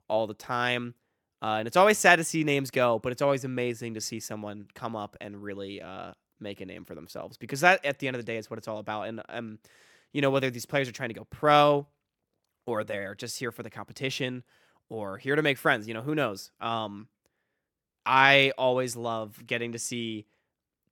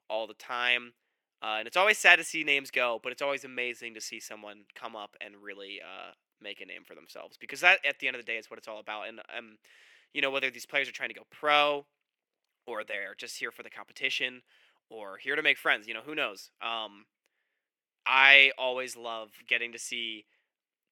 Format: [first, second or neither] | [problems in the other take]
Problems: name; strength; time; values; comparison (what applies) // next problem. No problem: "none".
first | thin; somewhat; fading below 400 Hz